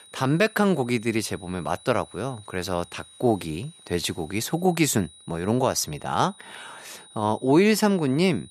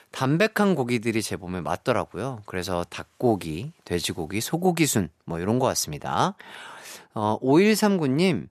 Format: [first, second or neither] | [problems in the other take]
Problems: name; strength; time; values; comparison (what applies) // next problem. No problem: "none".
second | high-pitched whine; faint; throughout; 4 kHz, 25 dB below the speech